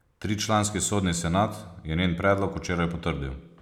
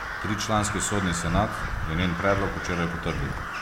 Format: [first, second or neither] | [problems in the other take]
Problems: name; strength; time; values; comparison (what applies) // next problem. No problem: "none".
first | background sound (Crow); 3 dB below the speech